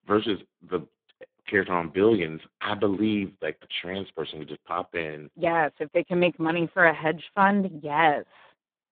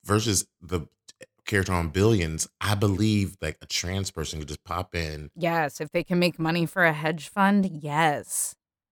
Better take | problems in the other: second | phone-call audio; poor line

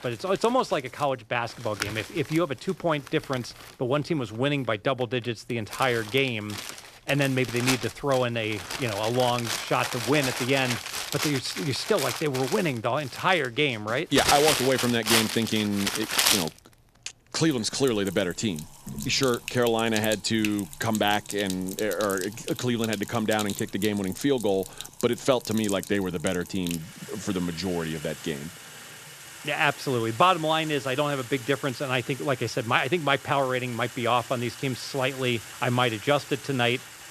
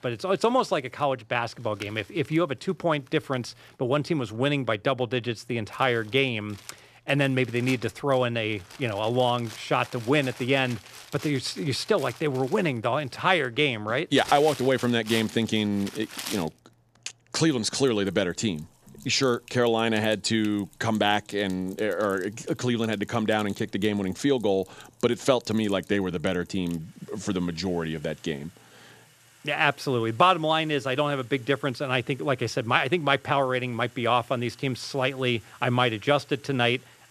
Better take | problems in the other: second | household noises; loud; throughout; 6 dB below the speech; faint in the second

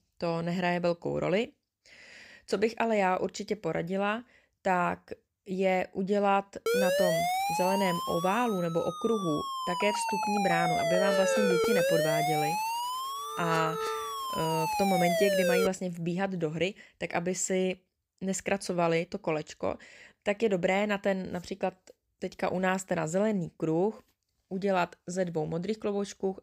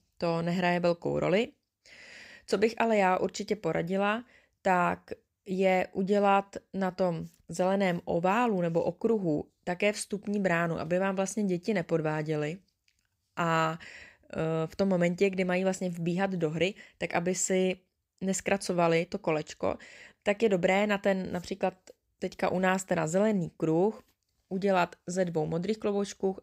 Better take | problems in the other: second | siren; loud; from 6.5 to 16 s; peak 4 dB above the speech

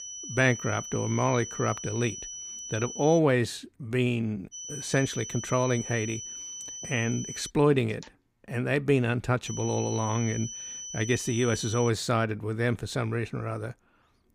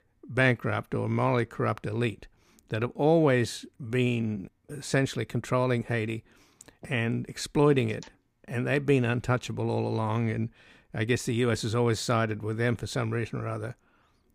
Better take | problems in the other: second | high-pitched whine; loud; until 3 s, from 4.5 to 7.5 s and from 9.5 to 12 s; 6 kHz, 9 dB below the speech

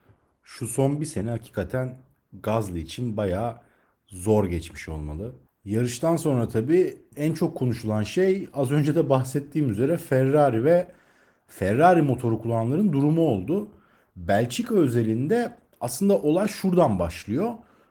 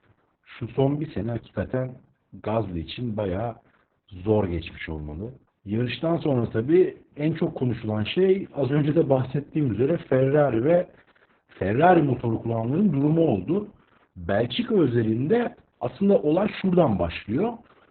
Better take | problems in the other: first | garbled, watery; badly; nothing above 4 kHz; slightly in the first

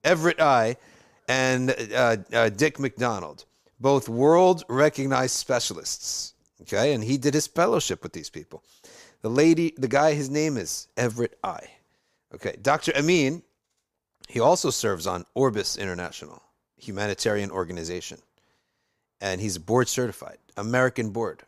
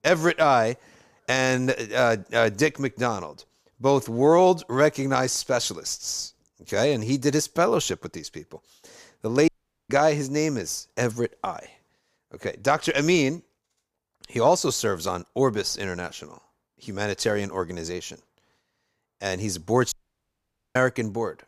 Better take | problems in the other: first | audio cutting out; at 9.5 s and at 20 s for 1 s

